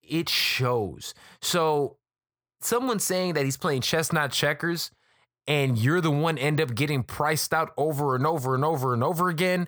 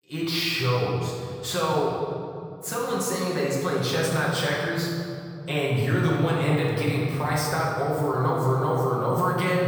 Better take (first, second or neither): first